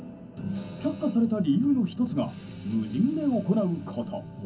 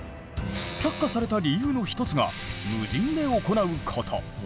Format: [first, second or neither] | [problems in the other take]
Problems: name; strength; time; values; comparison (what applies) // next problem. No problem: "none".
second | room echo; dies away in 0.4 s